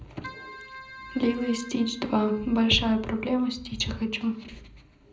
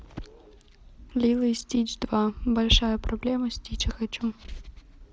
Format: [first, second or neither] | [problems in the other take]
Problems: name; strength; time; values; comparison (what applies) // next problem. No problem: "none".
second | background sound (Keyboard (musical)); 17 dB below the speech // room echo; dies away in 0.4 s